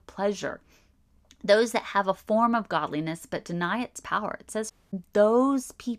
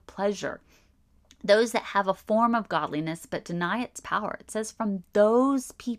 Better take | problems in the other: second | audio cutting out; at 4.5 s

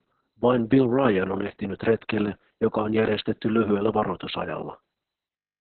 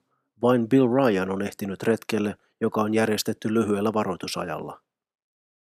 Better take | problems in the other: second | garbled, watery; badly; nothing above 4 kHz

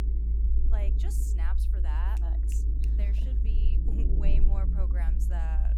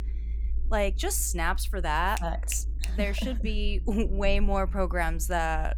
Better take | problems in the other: second | low rumble; loud; throughout; 2 dB below the speech; faint in the second

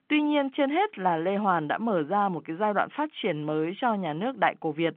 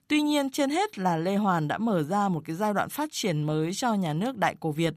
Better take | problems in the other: second | phone-call audio; nothing above 3.5 kHz

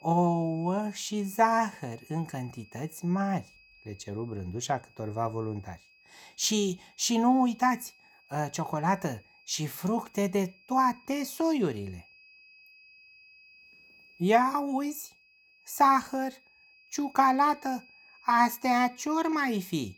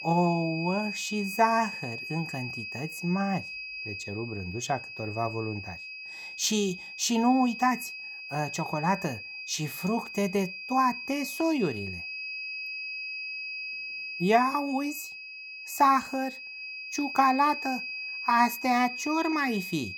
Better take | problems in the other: first | high-pitched whine; loud; throughout; 2.5 kHz, 8 dB below the speech; faint in the first

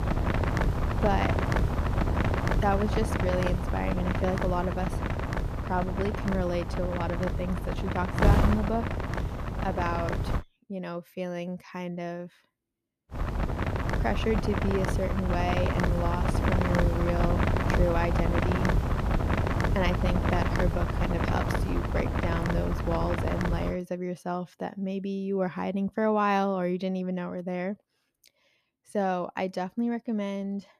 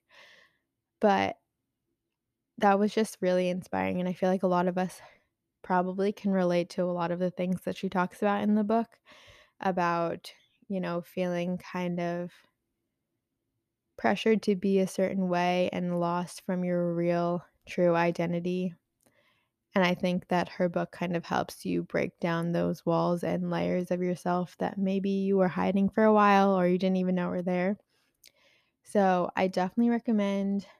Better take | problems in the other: second | wind noise on the microphone; heavy; until 10 s and from 13 to 24 s; 1 dB below the speech

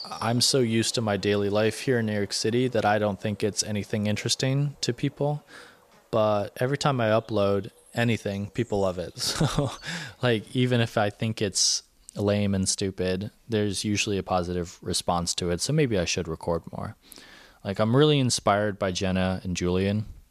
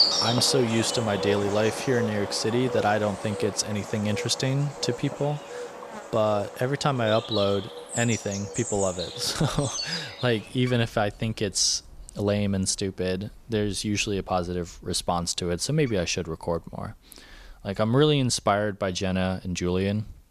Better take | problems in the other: first | animal sounds; loud; throughout; 7 dB below the speech; faint in the first

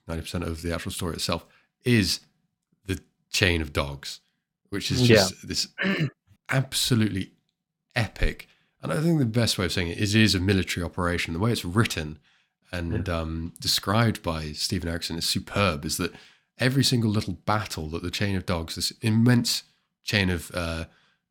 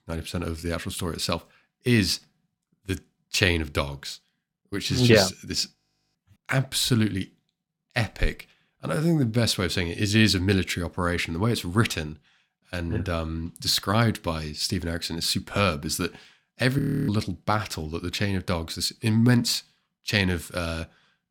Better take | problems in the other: first | audio freezing; at 6 s and at 17 s

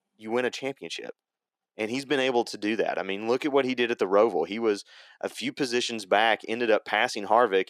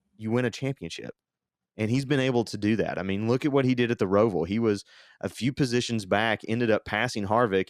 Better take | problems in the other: second | thin; somewhat; fading below 400 Hz

